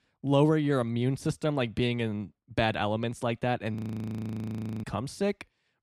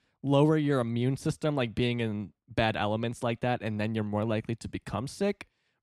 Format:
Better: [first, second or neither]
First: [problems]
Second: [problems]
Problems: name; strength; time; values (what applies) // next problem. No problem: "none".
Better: second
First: audio freezing; at 4 s for 1 s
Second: none